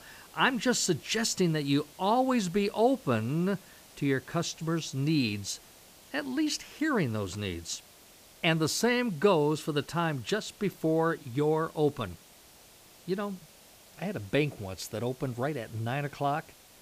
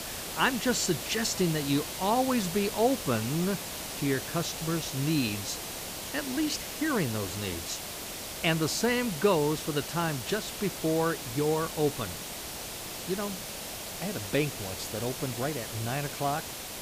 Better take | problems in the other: first | hiss; loud; throughout; 6 dB below the speech; faint in the first

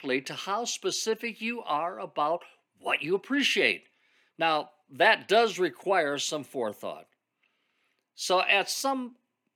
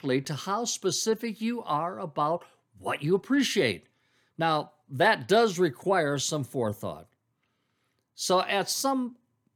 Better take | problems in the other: second | thin; very slightly; fading below 300 Hz

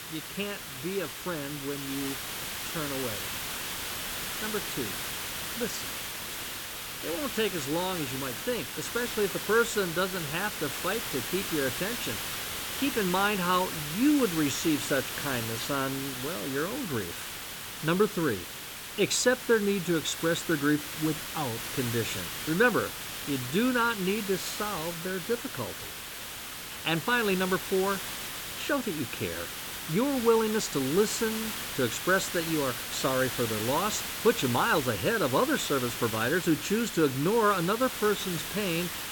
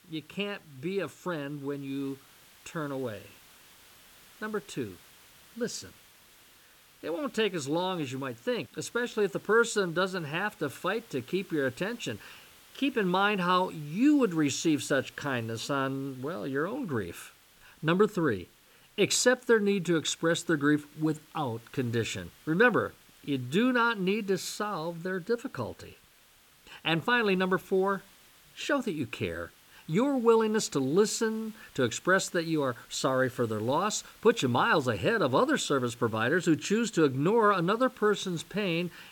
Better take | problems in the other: second | hiss; loud; throughout; 5 dB below the speech; faint in the second

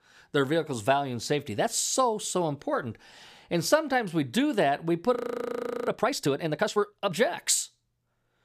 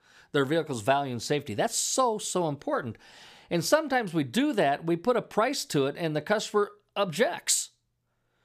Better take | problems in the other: second | audio freezing; at 5 s for 0.5 s

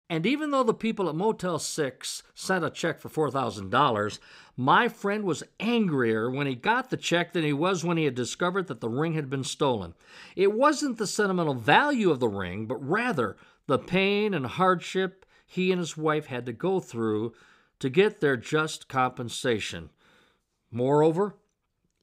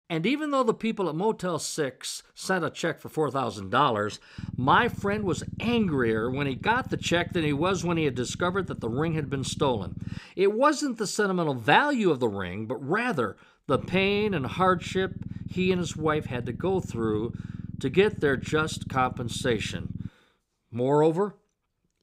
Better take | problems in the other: first | low rumble; faint; from 4.5 to 10 s and from 14 to 20 s; 20 dB below the speech

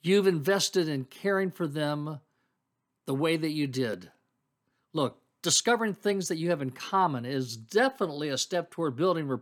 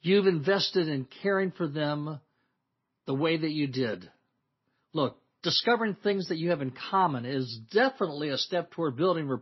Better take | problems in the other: first | garbled, watery; slightly; nothing above 5.5 kHz

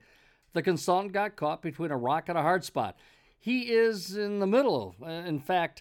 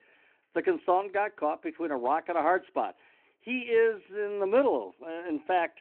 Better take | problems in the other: first | phone-call audio

